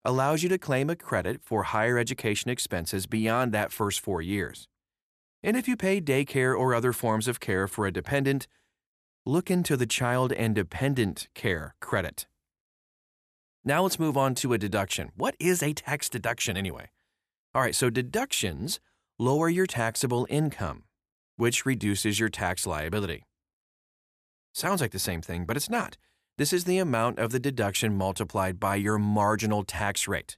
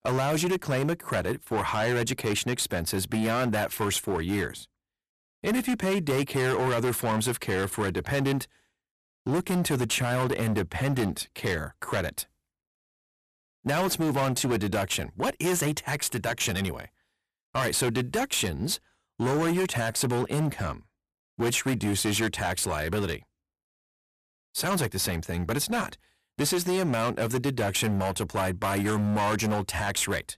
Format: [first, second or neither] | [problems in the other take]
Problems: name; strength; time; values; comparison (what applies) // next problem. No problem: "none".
first | distortion; heavy; 16% of the sound clipped